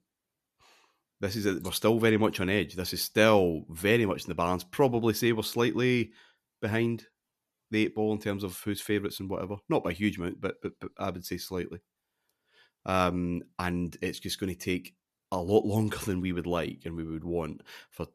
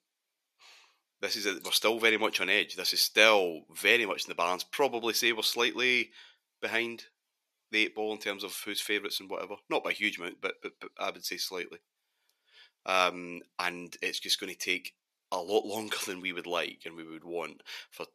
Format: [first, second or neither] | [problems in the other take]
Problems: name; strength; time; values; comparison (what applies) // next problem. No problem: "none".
first | thin; somewhat; fading below 450 Hz